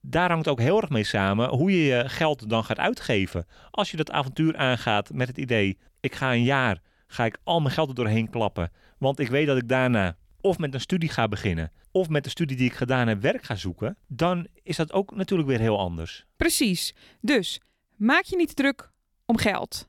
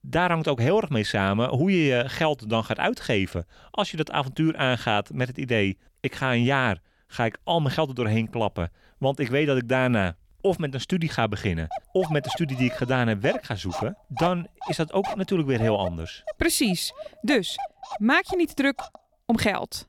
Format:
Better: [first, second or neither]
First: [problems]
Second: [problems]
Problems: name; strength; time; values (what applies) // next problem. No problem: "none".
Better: first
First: none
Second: dog barking; noticeable; from 12 to 19 s; peak 8 dB below the speech